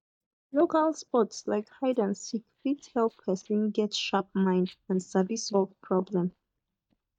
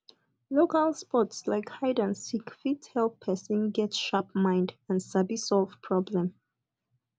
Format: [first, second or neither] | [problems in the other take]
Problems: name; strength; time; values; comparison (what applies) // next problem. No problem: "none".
second | noise reduction (neural mask model DeepFilterNet 3)